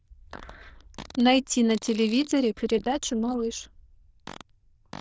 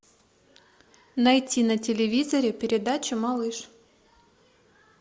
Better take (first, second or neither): second